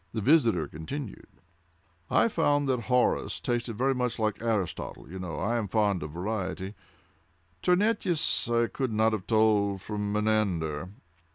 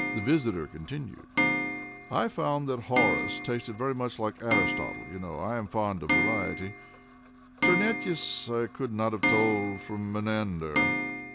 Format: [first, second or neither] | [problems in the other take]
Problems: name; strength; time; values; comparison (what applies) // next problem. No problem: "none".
first | background sound (Clock); 1 dB below the speech